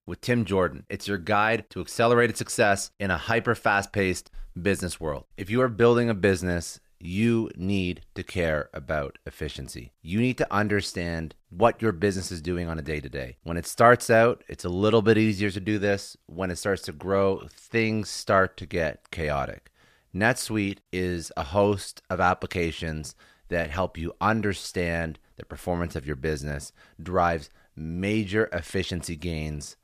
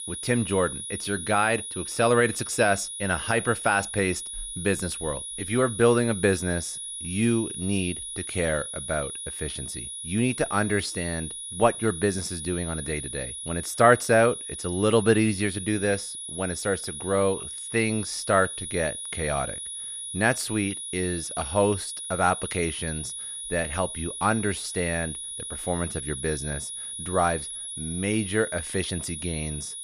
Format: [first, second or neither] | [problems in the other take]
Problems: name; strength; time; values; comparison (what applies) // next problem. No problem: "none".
first | high-pitched whine; loud; throughout; 10.5 kHz, 7 dB below the speech